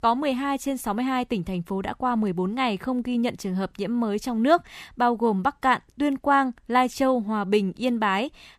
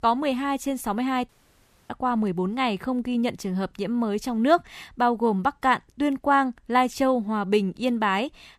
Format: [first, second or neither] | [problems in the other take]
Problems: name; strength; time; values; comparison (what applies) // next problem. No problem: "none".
first | audio cutting out; at 1.5 s for 0.5 s